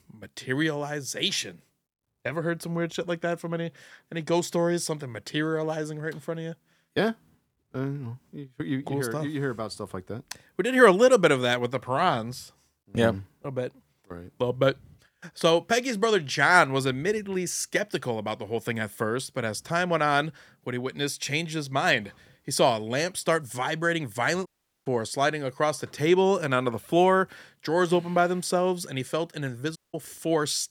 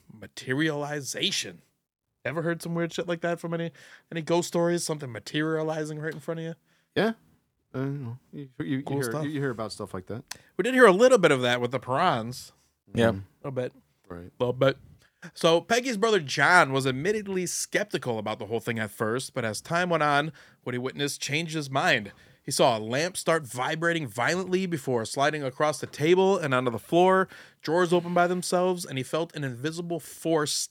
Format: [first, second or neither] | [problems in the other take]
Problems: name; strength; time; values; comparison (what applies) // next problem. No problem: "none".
second | audio cutting out; at 24 s and at 30 s